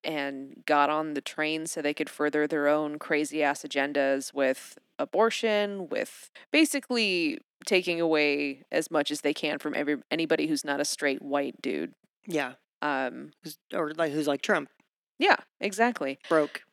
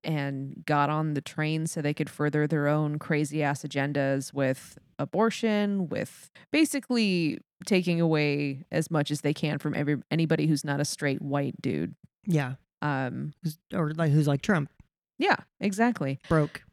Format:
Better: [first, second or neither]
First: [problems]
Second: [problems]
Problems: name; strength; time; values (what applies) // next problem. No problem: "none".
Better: second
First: thin; somewhat; fading below 300 Hz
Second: none